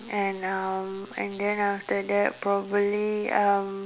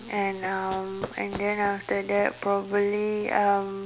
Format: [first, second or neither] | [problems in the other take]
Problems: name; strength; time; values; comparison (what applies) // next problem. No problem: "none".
first | background sound (Run); 17 dB below the speech